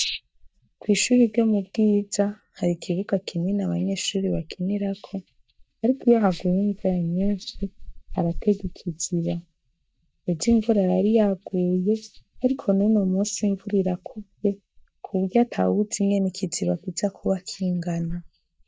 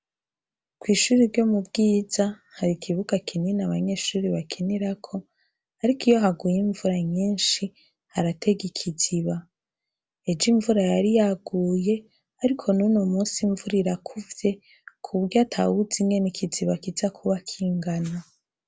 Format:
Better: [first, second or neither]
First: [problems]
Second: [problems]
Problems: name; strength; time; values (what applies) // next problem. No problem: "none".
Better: second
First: noise reduction (neural mask model DeepFilterNet 3)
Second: none